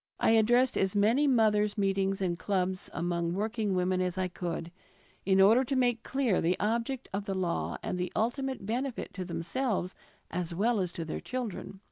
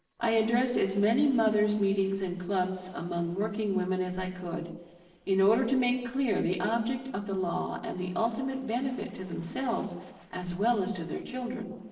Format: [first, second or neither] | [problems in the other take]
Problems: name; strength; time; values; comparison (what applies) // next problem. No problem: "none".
first | noise reduction (neural separator model SepFormer DNS4)